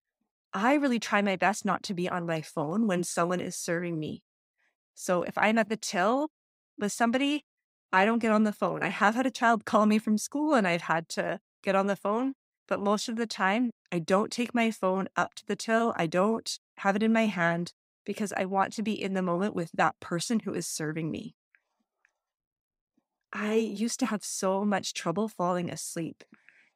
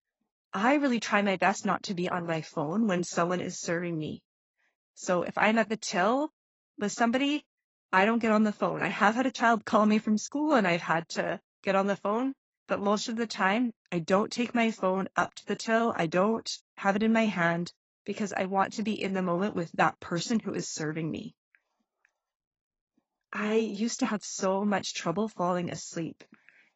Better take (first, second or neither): first